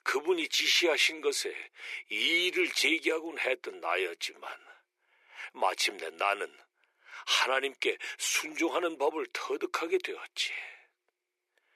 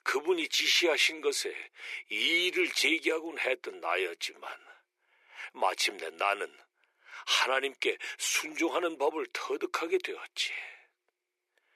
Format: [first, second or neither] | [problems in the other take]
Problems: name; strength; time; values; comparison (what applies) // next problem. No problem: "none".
neither | thin; very; fading below 350 Hz; the same in both